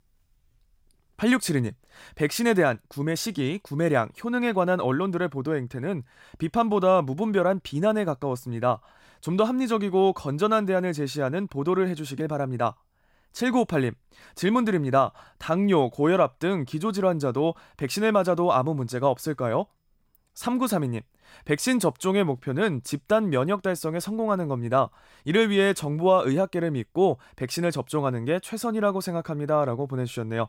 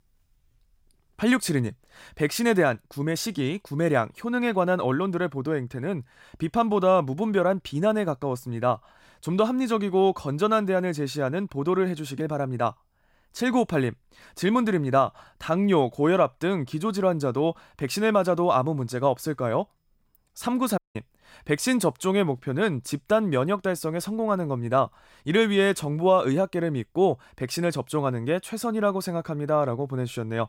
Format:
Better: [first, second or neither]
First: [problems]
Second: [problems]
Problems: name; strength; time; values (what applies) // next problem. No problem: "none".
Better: first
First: none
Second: audio cutting out; at 21 s